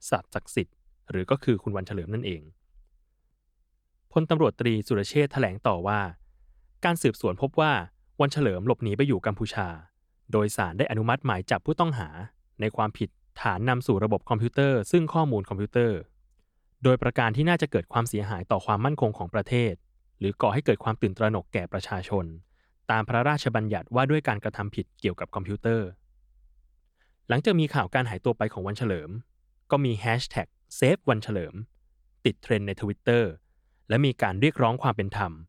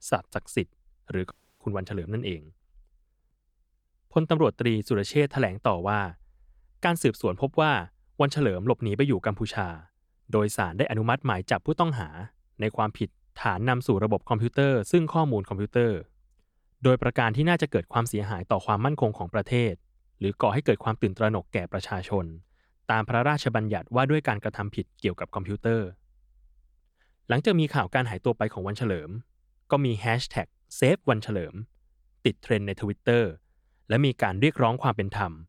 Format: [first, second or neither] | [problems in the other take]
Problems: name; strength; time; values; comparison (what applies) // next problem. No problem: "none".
first | audio cutting out; at 1.5 s